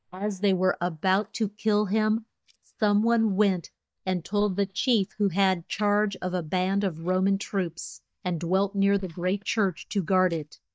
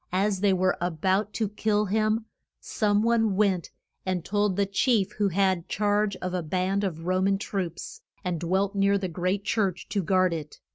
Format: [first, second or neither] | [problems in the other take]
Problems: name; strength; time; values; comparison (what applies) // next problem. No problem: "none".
second | noise reduction (neural mask model DeepFilterNet 3)